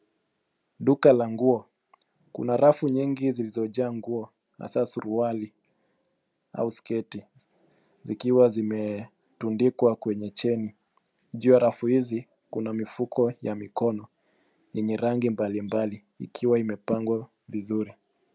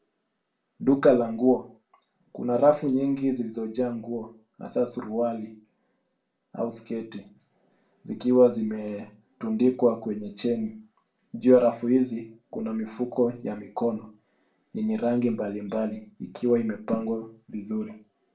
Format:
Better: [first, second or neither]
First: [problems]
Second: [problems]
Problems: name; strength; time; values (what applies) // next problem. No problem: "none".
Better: first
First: none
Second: room echo; dies away in 0.3 s